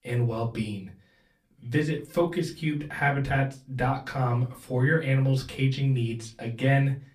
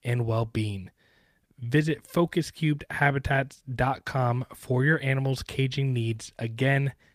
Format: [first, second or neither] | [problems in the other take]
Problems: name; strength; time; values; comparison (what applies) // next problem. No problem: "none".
second | off-mic speech; far // room echo; very slight; dies away in 0.2 s